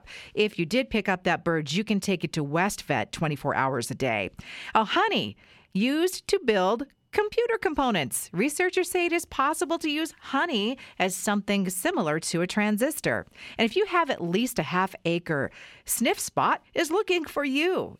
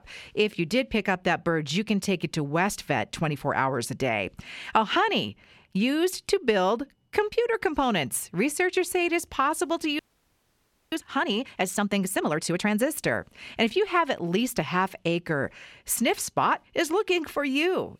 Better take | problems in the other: first | audio freezing; at 10 s for 1 s

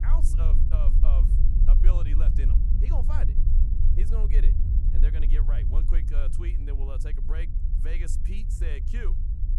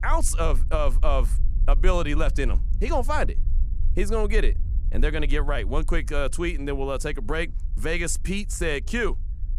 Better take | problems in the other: second | low rumble; loud; throughout; 2 dB below the speech; faint in the second

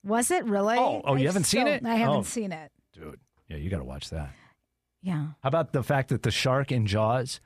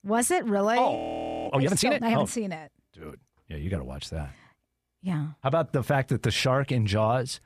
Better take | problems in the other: first | audio freezing; at 1 s for 0.5 s

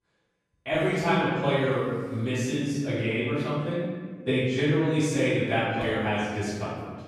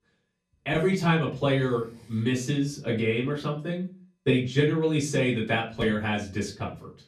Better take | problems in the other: second | room echo; strong; dies away in 1.5 s; slight in the second // off-mic speech; far; far in the second

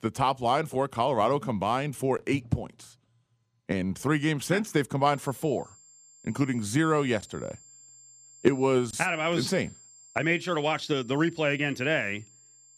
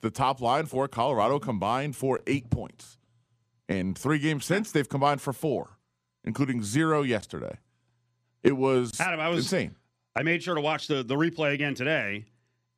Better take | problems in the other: second | high-pitched whine; faint; from 5 s on; 7.5 kHz, 25 dB below the speech

